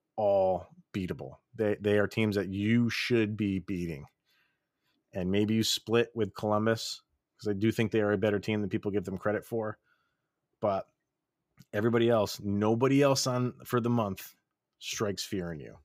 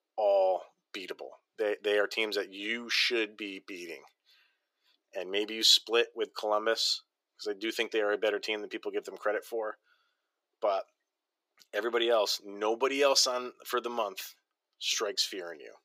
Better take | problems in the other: first | thin; very; fading below 400 Hz

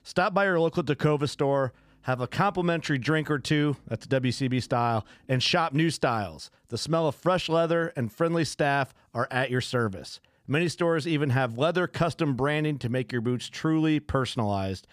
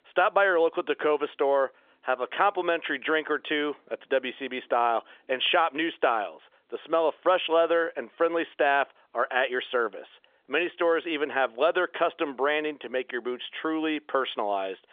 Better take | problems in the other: first | phone-call audio; nothing above 3.5 kHz

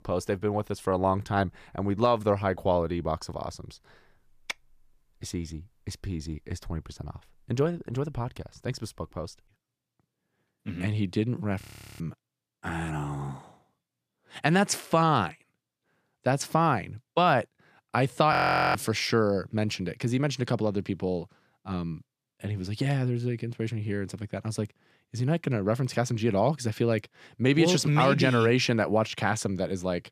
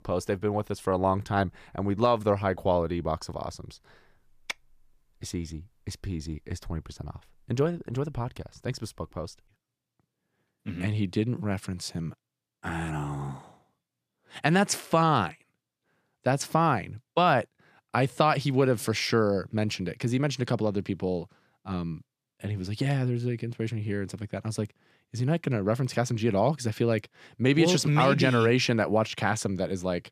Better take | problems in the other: second | audio freezing; at 12 s and at 18 s

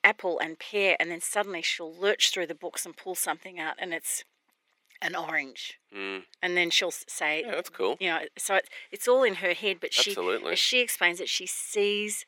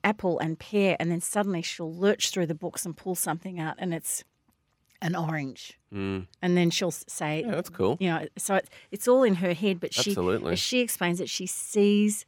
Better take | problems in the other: second | thin; very; fading below 400 Hz

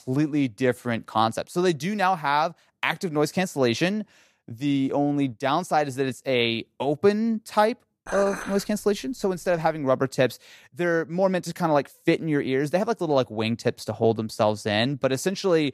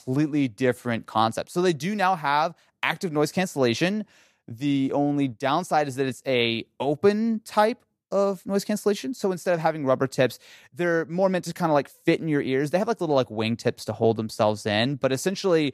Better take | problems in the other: second | clattering dishes; noticeable; from 8 to 9.5 s; peak 8 dB below the speech

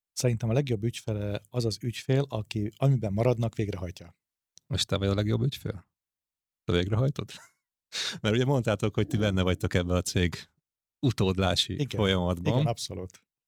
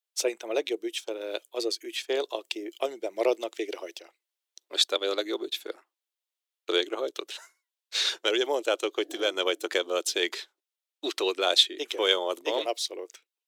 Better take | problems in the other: first | thin; very; fading below 350 Hz

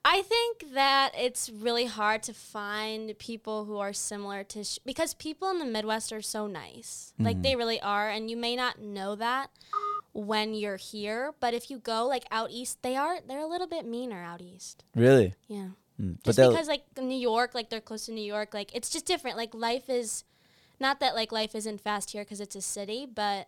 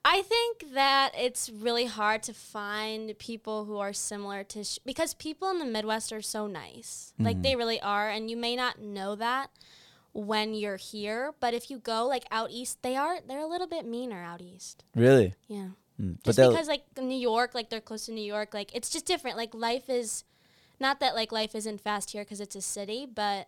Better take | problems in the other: second | phone ringing; noticeable; at 9.5 s; peak 2 dB below the speech

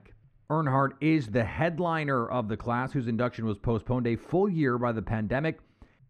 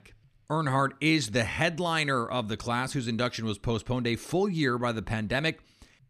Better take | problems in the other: second | muffled; very; fading above 2.5 kHz

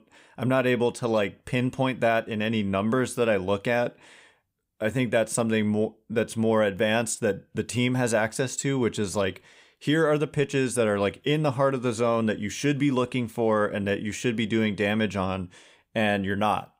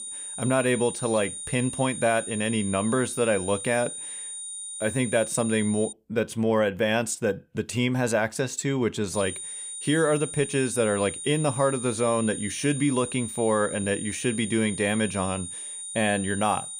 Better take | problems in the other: first | high-pitched whine; loud; until 6 s and from 9 s on; 9 kHz, 8 dB below the speech

